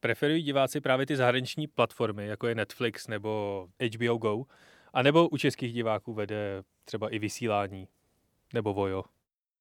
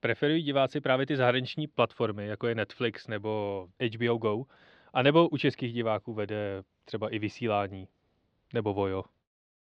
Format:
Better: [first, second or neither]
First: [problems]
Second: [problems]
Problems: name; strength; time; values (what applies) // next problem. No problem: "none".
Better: first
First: none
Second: muffled; very slightly; fading above 4 kHz